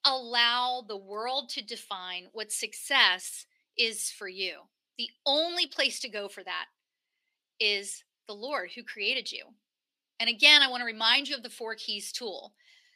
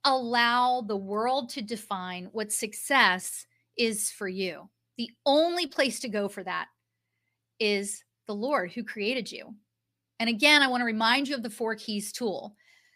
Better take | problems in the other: second | thin; somewhat; fading below 300 Hz

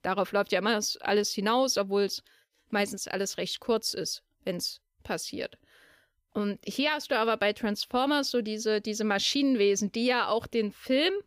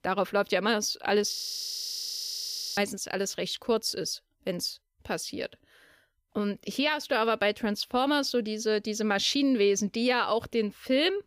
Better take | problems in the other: first | audio freezing; at 1.5 s for 1.5 s

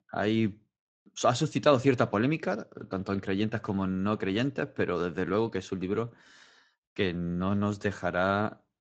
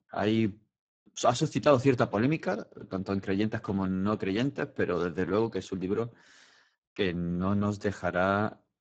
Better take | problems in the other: first | garbled, watery; badly; nothing above 7.5 kHz; slightly in the first

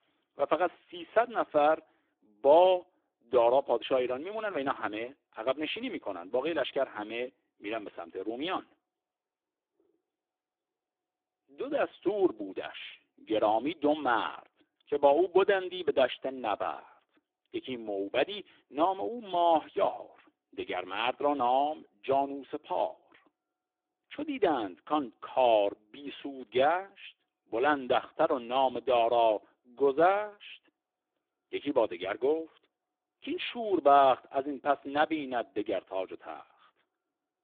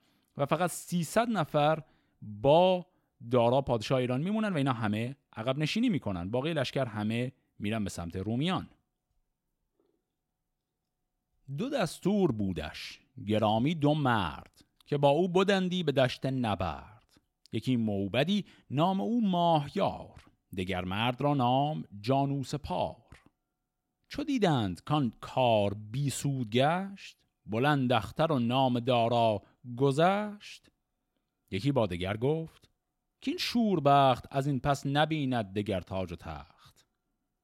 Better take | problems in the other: second | phone-call audio; poor line; nothing above 3.5 kHz

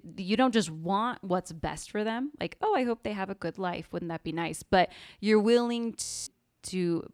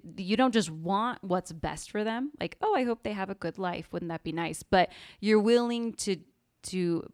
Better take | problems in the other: second | audio freezing; at 6 s

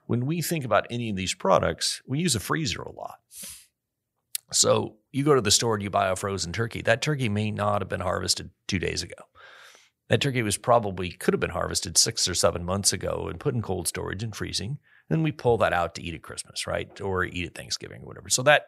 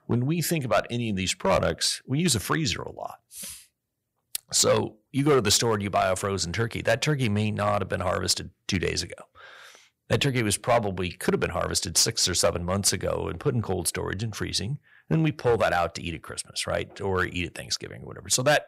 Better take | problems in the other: first | distortion; slight; 3% of the sound clipped

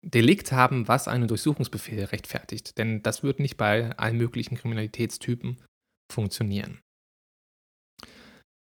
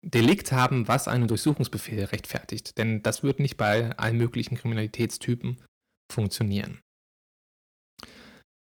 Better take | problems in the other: first | distortion; slight; 1.4% of the sound clipped

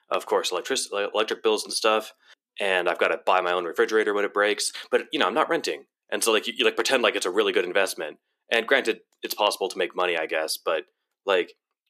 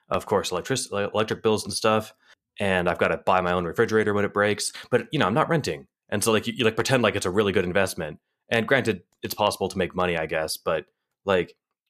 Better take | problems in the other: second | thin; somewhat; fading below 300 Hz

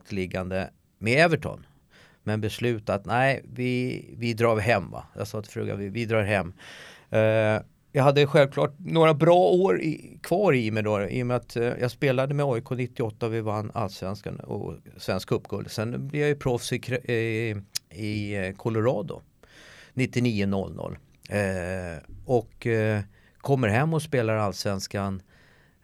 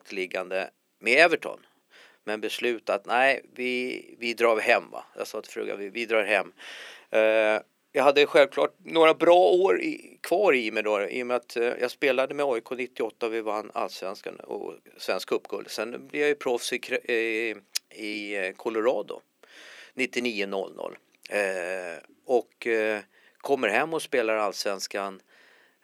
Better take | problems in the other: first | thin; somewhat; fading below 300 Hz

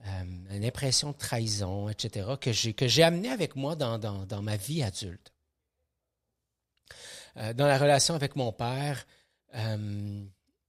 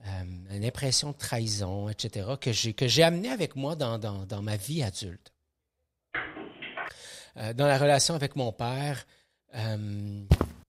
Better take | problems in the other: first | phone ringing; noticeable; at 6 s; peak 7 dB below the speech // footsteps; loud; at 10 s; peak 2 dB above the speech

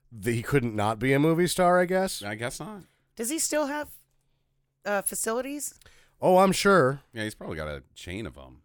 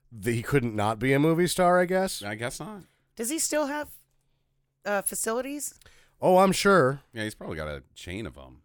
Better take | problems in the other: neither | none

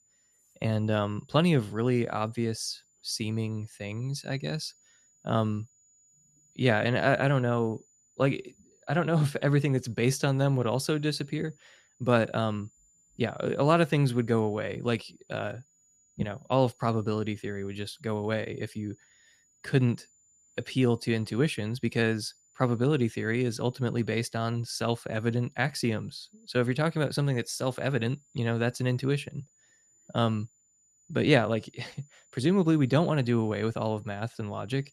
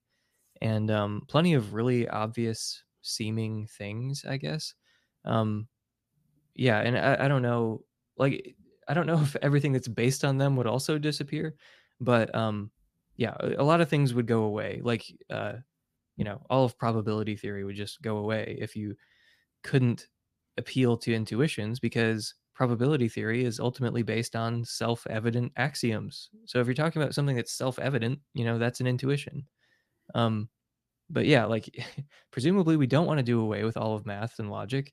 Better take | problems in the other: second | high-pitched whine; faint; throughout; 7 kHz, 35 dB below the speech

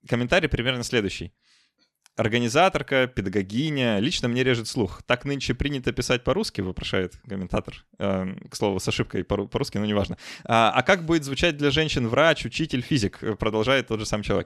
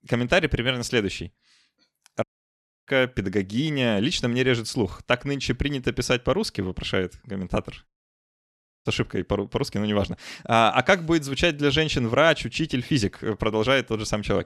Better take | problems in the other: first | audio cutting out; at 2 s for 0.5 s and at 8 s for 1 s

